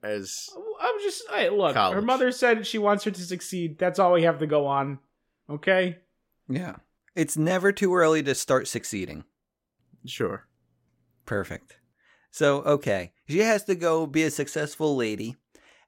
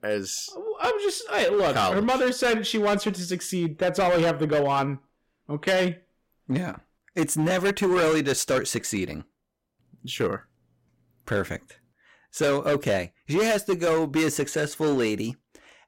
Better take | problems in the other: first | distortion; heavy; 11% of the sound clipped

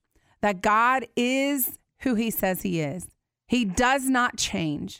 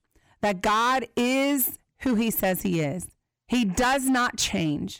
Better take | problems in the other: first | distortion; slight; 10% of the sound clipped

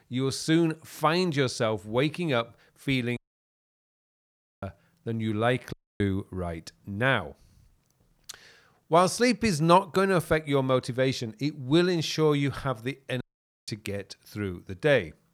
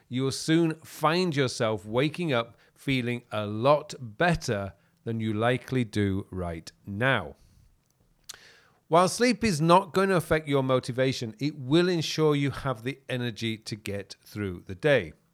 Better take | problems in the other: second | audio cutting out; at 3 s for 1.5 s, at 5.5 s and at 13 s

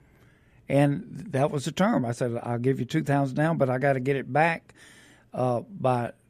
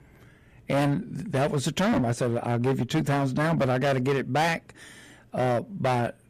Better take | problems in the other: first | distortion; heavy; 14% of the sound clipped

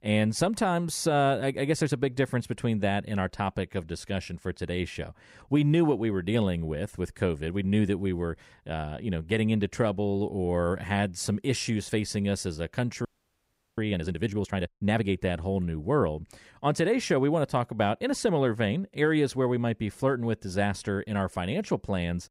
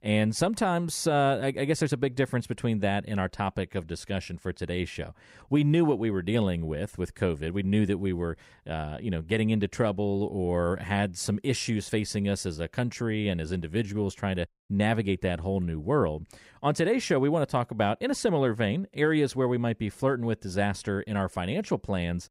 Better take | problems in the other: second | audio freezing; at 13 s for 0.5 s

